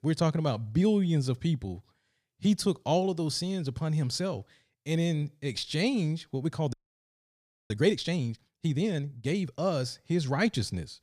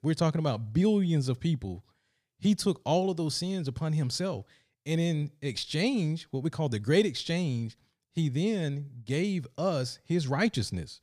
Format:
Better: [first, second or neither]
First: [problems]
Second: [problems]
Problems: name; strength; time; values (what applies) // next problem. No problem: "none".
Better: second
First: audio freezing; at 6.5 s for 1 s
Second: none